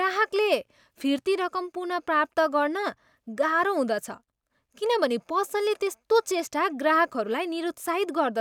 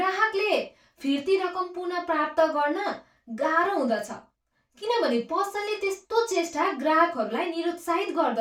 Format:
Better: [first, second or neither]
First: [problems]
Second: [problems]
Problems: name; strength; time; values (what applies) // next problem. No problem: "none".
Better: first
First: none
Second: room echo; dies away in 0.2 s